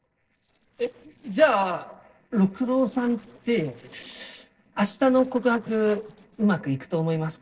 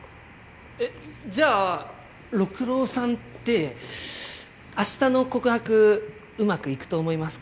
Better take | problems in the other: second | noise reduction (neural separator model SepFormer DNS4)

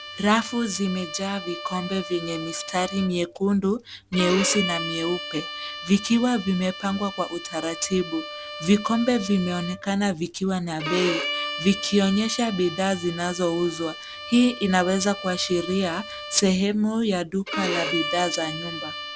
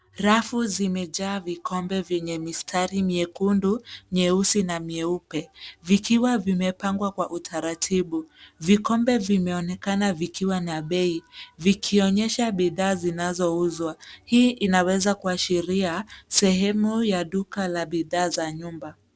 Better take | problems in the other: second | background sound (Bowed string instrument); 9 dB below the speech

